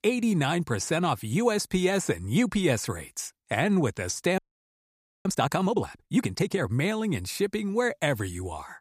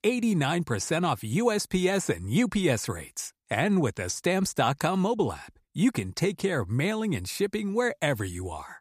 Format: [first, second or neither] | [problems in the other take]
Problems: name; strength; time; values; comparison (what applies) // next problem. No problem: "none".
second | audio freezing; at 4.5 s for 1 s